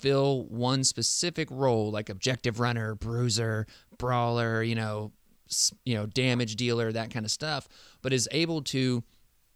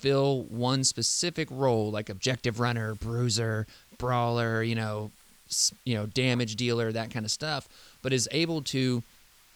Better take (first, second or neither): first